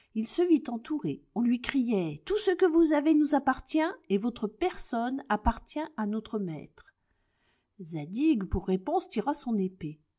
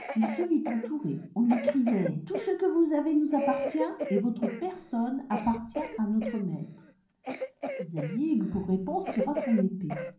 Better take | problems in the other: first | background sound (Cough); 8 dB below the speech // room echo; dies away in 0.6 s

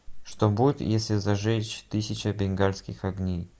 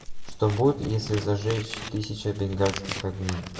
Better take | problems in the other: first | background sound (Scissors); 12 dB below the speech // room echo; dies away in 1.1 s

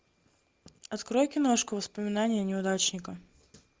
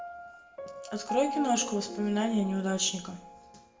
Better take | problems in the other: first | background sound (Piano); 9 dB below the speech // room echo; dies away in 0.5 s

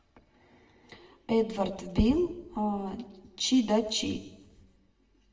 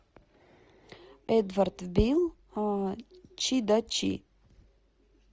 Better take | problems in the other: second | room echo; dies away in 0.8 s

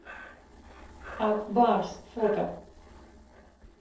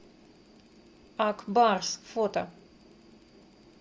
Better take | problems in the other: second | noise reduction (neural separator model SepFormer DNS4)

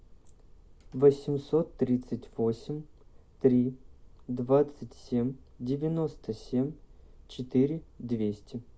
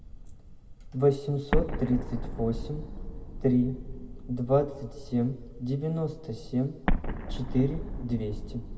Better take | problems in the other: first | background sound (Explosion); 4 dB below the speech // room echo; dies away in 1.3 s

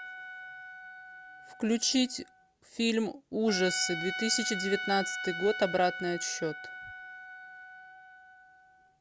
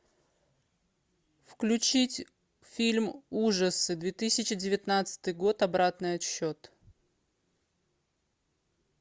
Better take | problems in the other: second | background sound (Trumpet); 8 dB below the speech

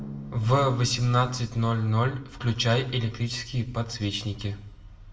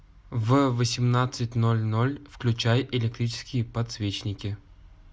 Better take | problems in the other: second | background sound (Drum); 20 dB below the speech // room echo; dies away in 0.5 s

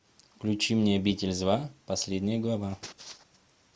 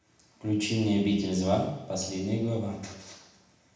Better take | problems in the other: first | room echo; dies away in 0.8 s

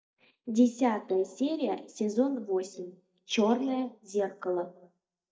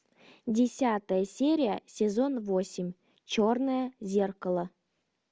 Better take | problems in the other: second | noise reduction (neural mask model DeepFilterNet 3)

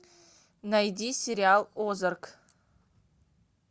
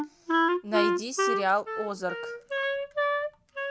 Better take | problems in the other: first | background sound (Wind instrument, woodwind instrument); 4 dB above the speech

